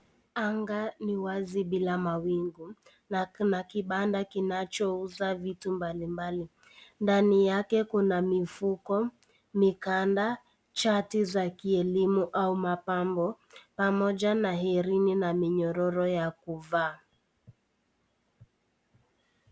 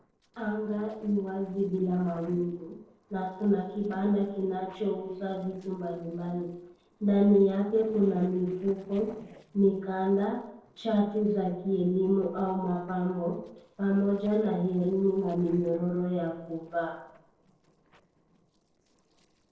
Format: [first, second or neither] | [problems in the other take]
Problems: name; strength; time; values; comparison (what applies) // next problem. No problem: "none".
first | noise reduction (neural separator model SepFormer DNS4)